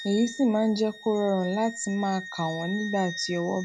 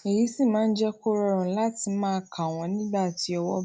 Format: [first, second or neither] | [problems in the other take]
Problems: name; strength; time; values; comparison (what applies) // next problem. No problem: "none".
second | background sound (Wind instrument, woodwind instrument); 14 dB below the speech